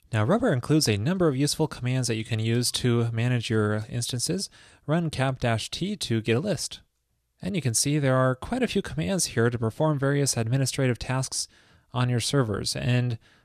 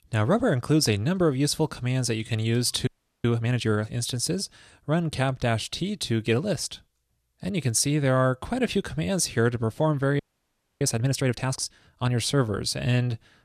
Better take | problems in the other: first | audio freezing; at 3 s and at 10 s for 0.5 s

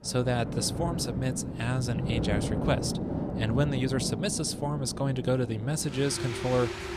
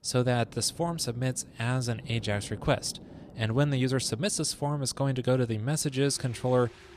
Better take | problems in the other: second | rain or running water; loud; throughout; 4 dB below the speech; faint in the second

